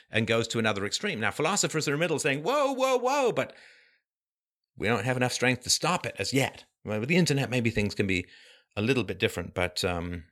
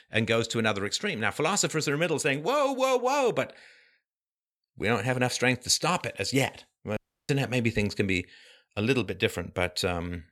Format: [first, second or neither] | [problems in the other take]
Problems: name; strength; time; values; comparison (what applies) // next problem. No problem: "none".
first | audio cutting out; at 7 s